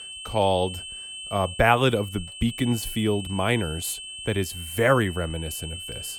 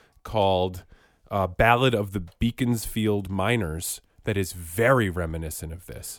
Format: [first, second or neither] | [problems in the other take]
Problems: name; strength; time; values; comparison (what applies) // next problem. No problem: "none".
second | high-pitched whine; noticeable; throughout; 3 kHz, 10 dB below the speech